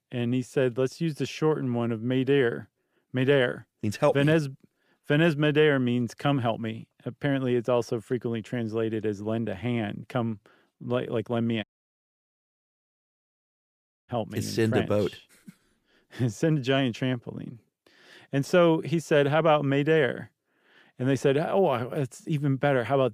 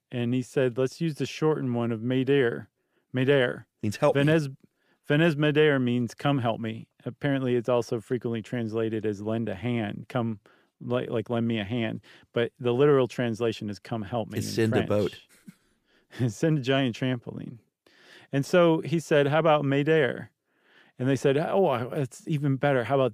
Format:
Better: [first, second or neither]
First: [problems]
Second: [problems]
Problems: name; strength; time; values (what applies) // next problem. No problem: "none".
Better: second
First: audio cutting out; at 12 s for 2.5 s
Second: none